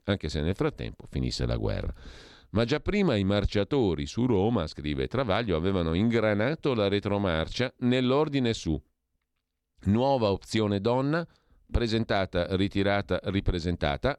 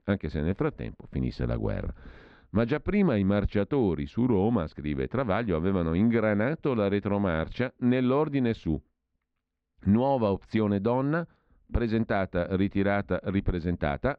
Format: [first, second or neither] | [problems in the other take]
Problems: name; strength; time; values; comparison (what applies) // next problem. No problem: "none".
first | muffled; slightly; fading above 2 kHz